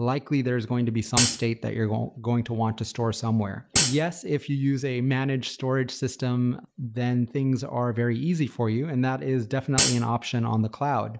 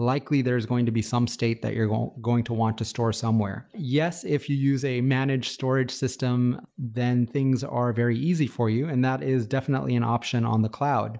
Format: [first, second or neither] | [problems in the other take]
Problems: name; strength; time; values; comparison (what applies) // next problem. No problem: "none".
second | background sound (Hi-hat); 1 dB above the speech